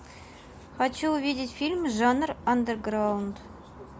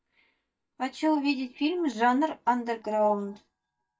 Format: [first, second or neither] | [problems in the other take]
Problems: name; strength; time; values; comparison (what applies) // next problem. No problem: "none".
first | noise reduction (neural mask model DeepFilterNet 3)